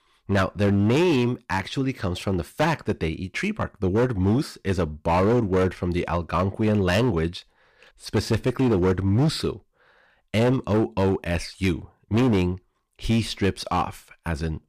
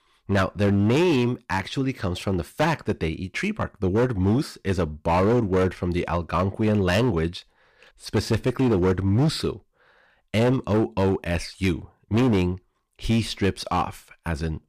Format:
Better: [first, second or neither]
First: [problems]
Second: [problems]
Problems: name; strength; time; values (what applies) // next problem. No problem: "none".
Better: neither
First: distortion; slight; 9% of the sound clipped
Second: distortion; slight; 9% of the sound clipped